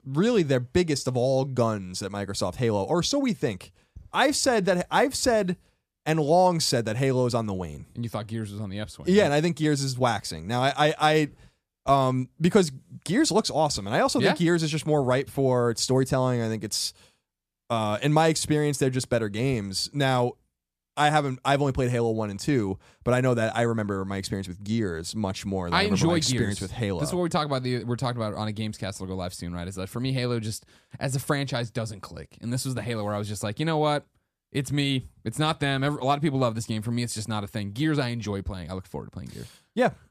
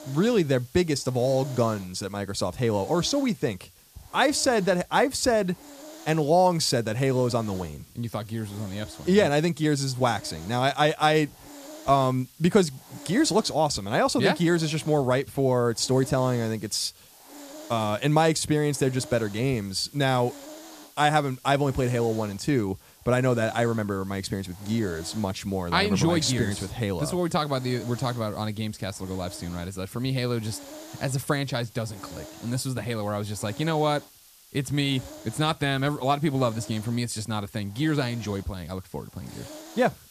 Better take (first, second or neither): first